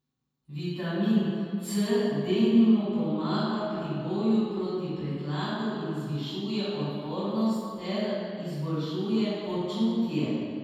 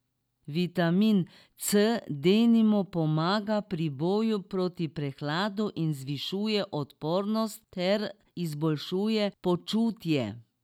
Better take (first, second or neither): second